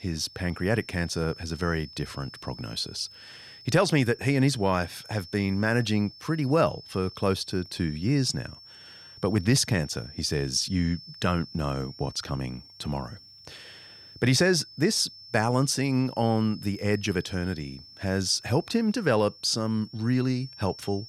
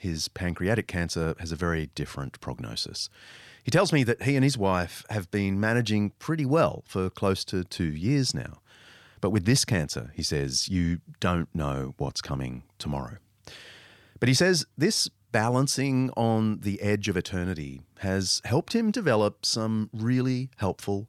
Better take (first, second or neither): second